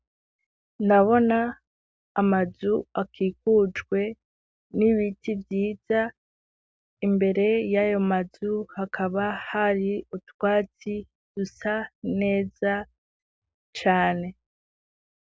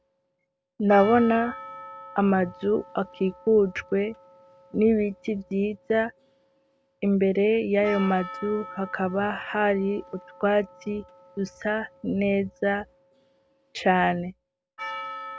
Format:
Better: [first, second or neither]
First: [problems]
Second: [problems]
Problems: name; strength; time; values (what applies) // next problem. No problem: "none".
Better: first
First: none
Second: background sound (Percussion); 17 dB below the speech